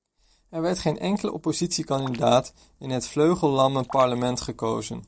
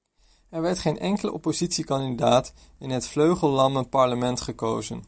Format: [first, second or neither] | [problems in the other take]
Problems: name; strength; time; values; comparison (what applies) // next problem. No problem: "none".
second | noise reduction (neural separator model SepFormer DNS4)